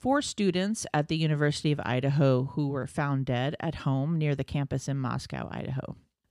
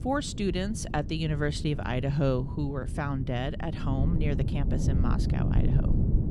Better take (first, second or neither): first